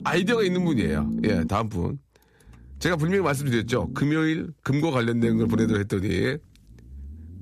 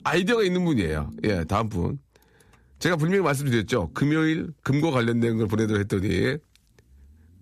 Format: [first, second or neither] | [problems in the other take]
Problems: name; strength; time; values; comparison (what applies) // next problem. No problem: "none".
second | low rumble; loud; until 1.5 s, from 2.5 to 4 s and from 5 s on; 9 dB below the speech; faint in the second